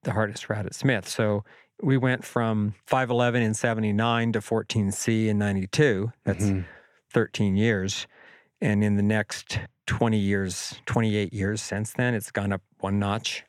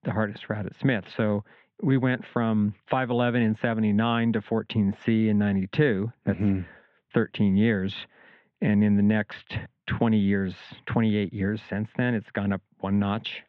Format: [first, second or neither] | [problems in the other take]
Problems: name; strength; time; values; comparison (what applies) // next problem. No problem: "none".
first | muffled; very; fading above 3.5 kHz